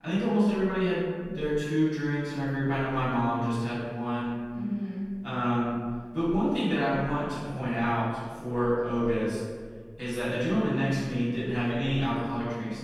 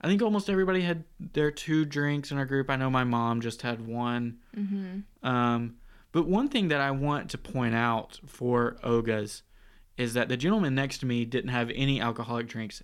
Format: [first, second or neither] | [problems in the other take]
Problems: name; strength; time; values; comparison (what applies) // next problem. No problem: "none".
second | off-mic speech; far // room echo; strong; dies away in 1.5 s